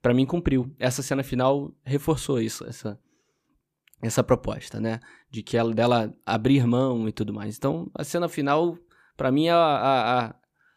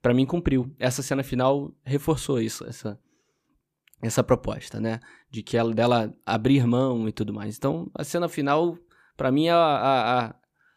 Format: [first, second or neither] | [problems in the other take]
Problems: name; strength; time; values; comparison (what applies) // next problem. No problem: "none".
neither | none